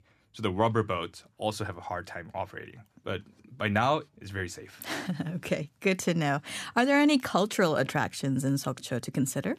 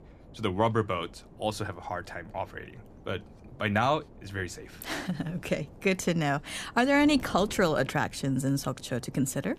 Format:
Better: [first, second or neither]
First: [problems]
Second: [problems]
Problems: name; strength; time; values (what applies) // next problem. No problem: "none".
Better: first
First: none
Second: wind noise on the microphone; occasional gusts; 25 dB below the speech